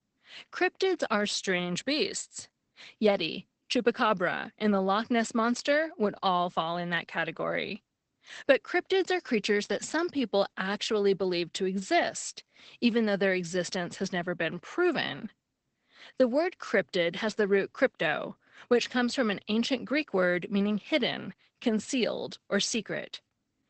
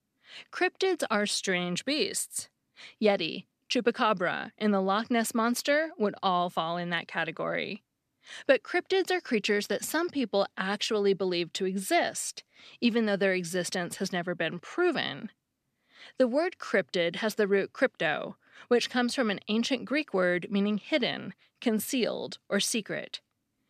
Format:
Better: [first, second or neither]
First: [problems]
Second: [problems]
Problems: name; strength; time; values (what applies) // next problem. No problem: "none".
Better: second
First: garbled, watery; badly; nothing above 8 kHz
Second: none